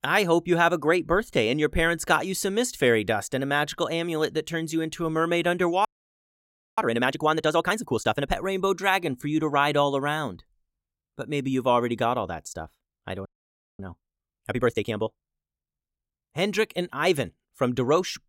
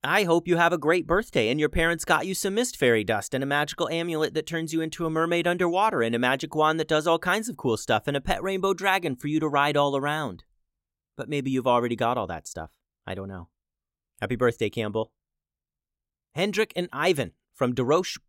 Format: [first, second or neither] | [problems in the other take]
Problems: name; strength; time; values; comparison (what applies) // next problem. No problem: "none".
second | audio freezing; at 6 s for 1 s and at 13 s for 0.5 s